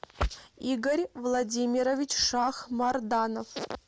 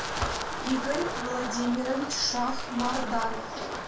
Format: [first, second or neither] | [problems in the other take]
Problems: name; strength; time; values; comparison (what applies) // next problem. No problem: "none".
first | background sound (Wind); 4 dB below the speech // room echo; dies away in 0.3 s